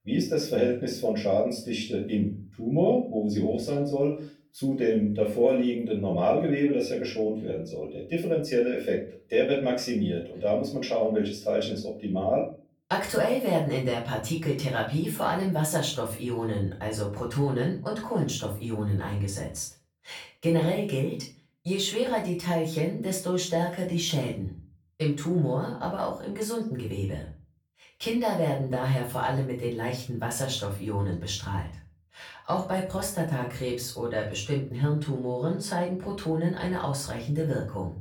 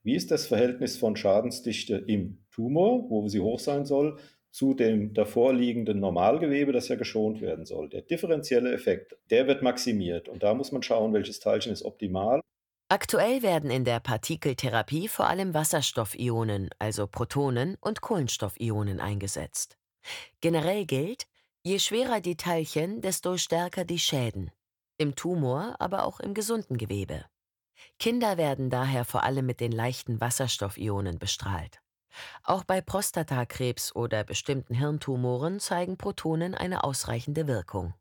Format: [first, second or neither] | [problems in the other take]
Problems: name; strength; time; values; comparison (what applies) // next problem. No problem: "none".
second | off-mic speech; far // room echo; slight; dies away in 0.3 s